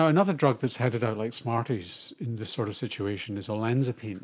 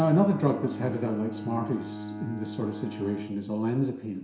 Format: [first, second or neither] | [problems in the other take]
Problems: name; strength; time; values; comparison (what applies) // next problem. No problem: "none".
first | background sound (Bowed string instrument); 10 dB below the speech // room echo; dies away in 0.7 s